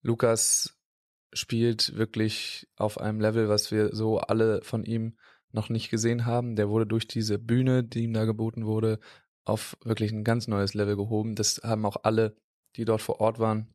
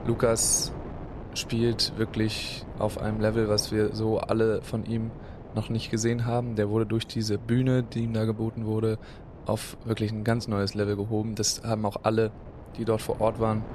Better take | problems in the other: first | wind noise on the microphone; occasional gusts; 15 dB below the speech

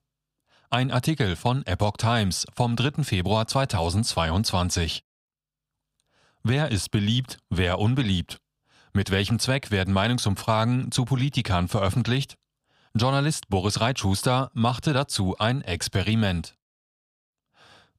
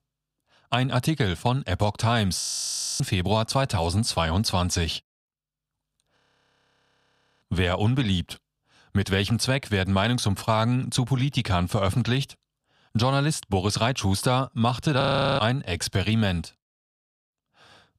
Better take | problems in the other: first | audio freezing; at 2.5 s for 0.5 s, at 6 s for 1.5 s and at 15 s

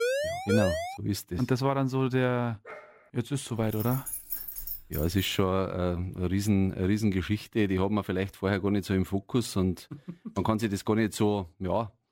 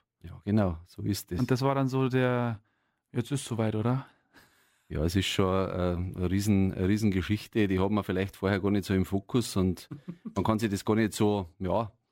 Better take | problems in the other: second | siren; loud; at the start; peak level with the speech // dog barking; faint; at 2.5 s; peak 15 dB below the speech // jangling keys; noticeable; from 3.5 to 5.5 s; peak 4 dB below the speech

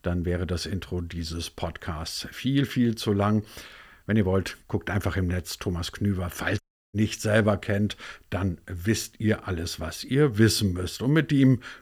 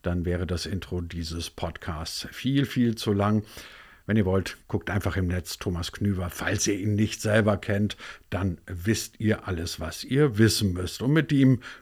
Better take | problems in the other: second | audio cutting out; at 6.5 s

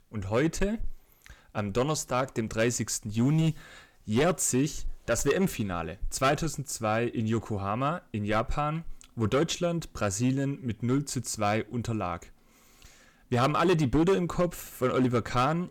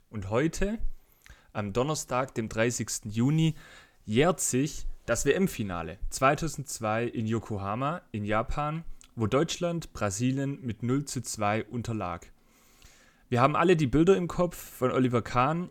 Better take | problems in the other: second | distortion; slight; 5% of the sound clipped

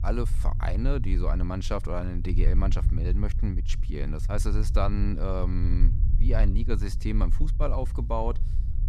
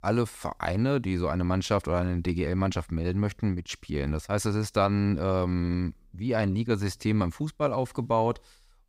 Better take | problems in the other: second | low rumble; noticeable; throughout; 10 dB below the speech

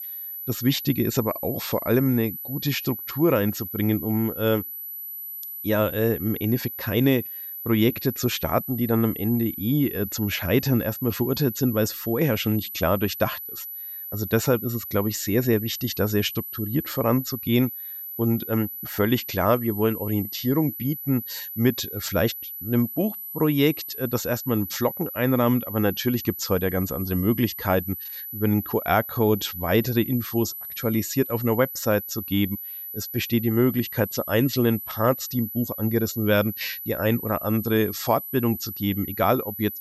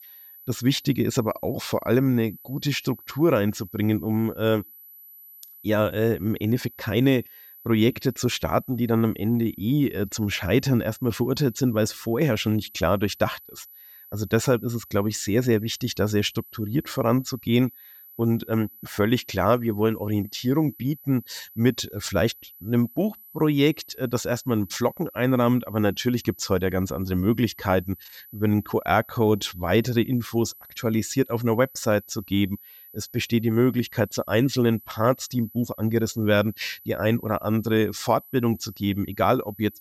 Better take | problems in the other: second | high-pitched whine; loud; throughout; 12 kHz, 8 dB below the speech; faint in the second

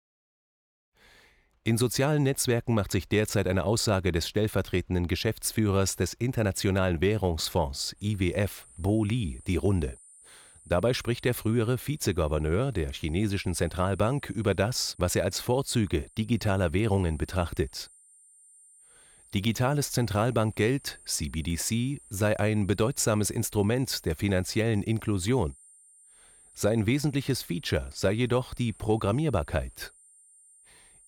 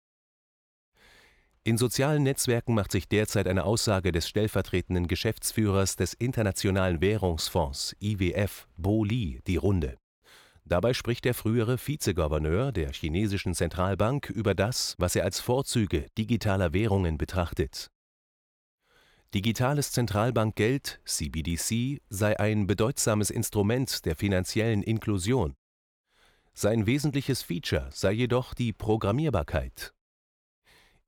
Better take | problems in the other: second | high-pitched whine; faint; from 8 s on; 9 kHz, 25 dB below the speech

